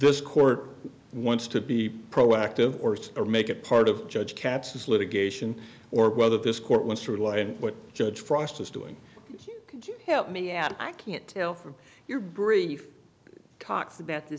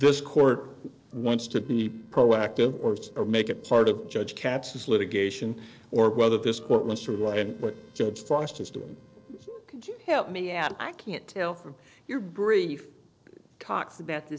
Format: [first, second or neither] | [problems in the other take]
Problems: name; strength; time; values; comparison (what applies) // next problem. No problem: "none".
first | noise reduction (neural separator model SepFormer DNS4)